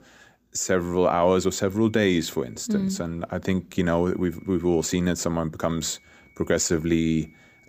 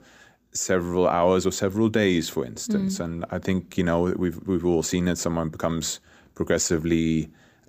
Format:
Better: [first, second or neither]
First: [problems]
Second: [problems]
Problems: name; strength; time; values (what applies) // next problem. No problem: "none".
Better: second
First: high-pitched whine; faint; from 1 to 2.5 s, from 4 to 5 s and from 5.5 s on; 2 kHz, 30 dB below the speech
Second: none